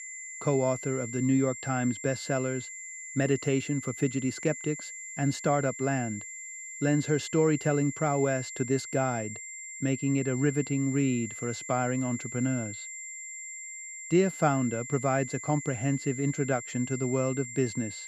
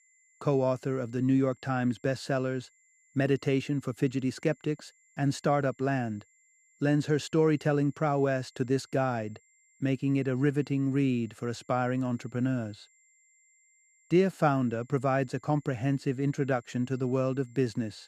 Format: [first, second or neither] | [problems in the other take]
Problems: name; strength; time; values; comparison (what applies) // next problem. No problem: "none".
second | high-pitched whine; loud; throughout; 2 kHz, 9 dB below the speech; faint in the second